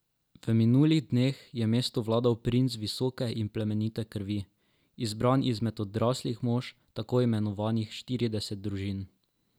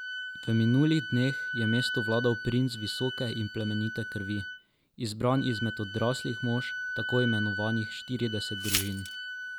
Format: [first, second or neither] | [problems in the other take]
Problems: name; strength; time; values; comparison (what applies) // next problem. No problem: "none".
first | background sound (Wind instrument, woodwind instrument + Glass); 6 dB below the speech